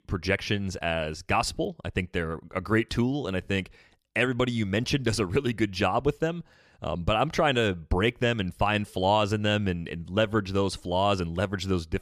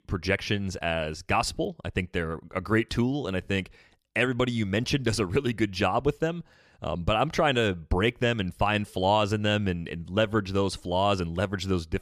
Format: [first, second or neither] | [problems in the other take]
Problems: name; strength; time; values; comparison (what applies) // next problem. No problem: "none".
neither | none